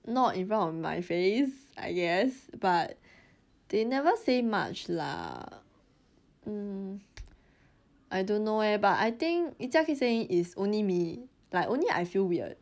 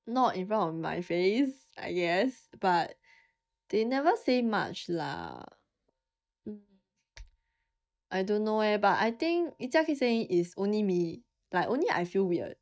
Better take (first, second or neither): first